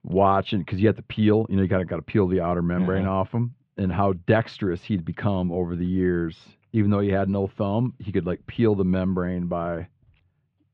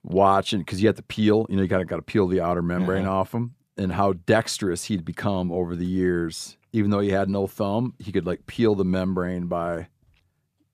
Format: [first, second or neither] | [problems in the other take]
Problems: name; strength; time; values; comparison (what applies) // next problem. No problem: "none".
second | muffled; slightly; fading above 3 kHz